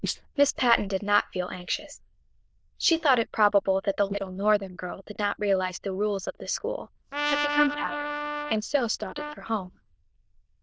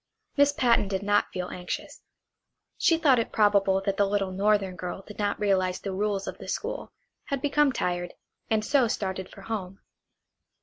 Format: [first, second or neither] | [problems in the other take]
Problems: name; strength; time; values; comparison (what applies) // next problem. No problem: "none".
second | noise reduction (neural diffusion model UNIVERSE++)